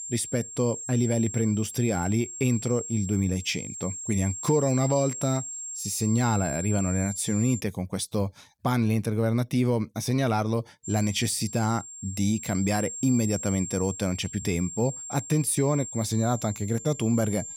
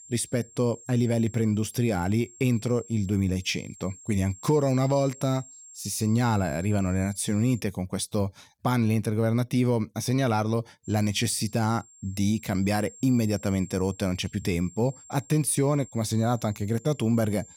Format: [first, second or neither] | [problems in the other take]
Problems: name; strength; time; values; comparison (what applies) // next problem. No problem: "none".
second | high-pitched whine; loud; until 7.5 s and from 11 s on; 7.5 kHz, 8 dB below the speech; faint in the second